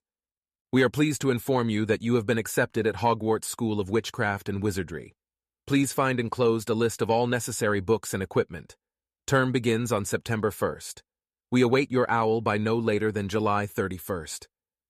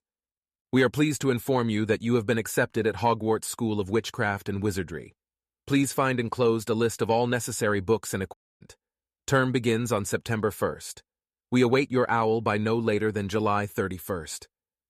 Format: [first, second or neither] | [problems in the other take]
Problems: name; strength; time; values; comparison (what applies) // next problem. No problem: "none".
first | audio cutting out; at 8.5 s